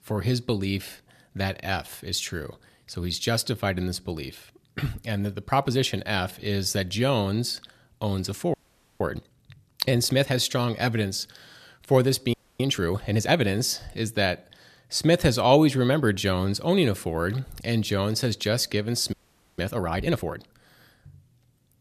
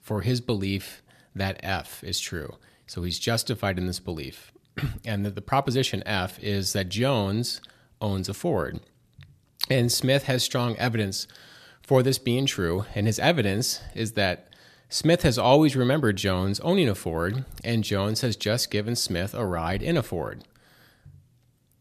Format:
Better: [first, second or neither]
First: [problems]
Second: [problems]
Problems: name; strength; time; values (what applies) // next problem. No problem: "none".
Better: second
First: audio freezing; at 8.5 s, at 12 s and at 19 s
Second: none